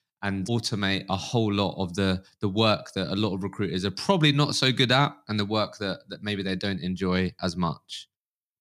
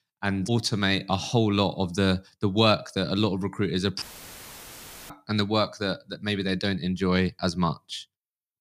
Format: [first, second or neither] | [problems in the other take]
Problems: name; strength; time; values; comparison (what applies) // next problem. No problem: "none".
first | audio cutting out; filled with static; at 4 s for 1 s